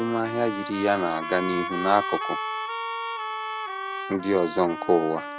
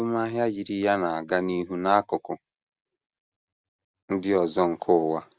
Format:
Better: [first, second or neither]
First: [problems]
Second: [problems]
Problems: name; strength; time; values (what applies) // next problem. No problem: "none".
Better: second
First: background sound (Trumpet + Bowed string instrument); 6 dB below the speech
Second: none